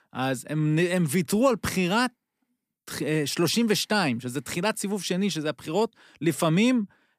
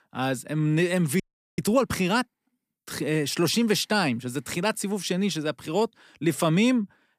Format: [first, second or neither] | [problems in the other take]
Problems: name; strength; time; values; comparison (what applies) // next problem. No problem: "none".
first | audio freezing; at 1 s